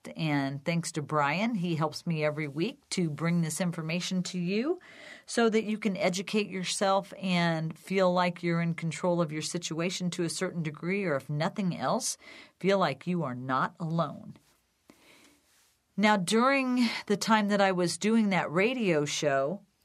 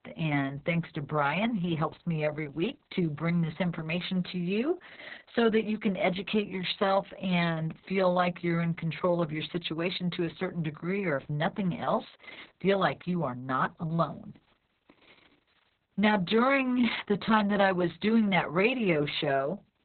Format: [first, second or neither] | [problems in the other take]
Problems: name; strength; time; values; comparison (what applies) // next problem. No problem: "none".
first | garbled, watery; badly; nothing above 4 kHz